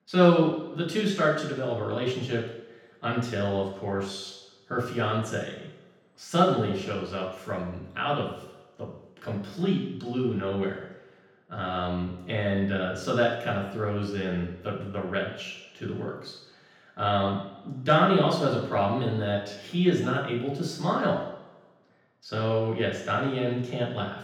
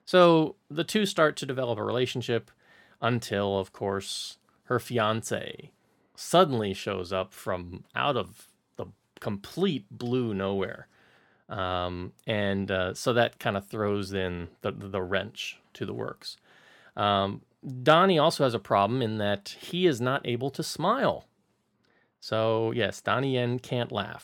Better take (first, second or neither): second